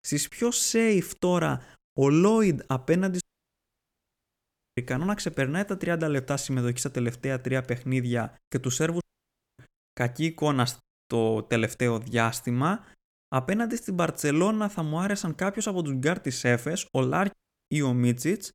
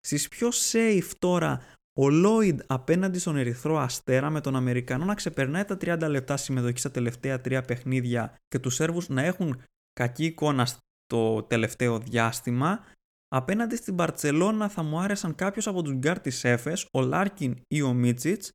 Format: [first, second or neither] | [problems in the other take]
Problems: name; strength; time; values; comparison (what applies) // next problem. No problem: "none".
second | audio cutting out; at 3 s for 1.5 s, at 9 s for 0.5 s and at 17 s